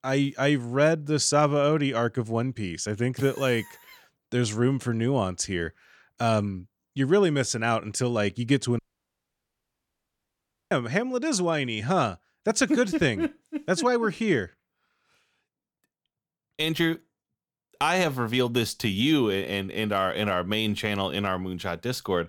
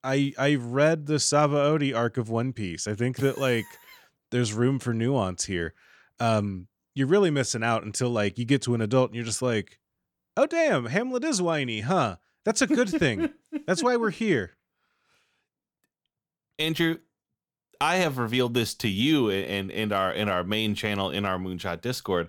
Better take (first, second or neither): second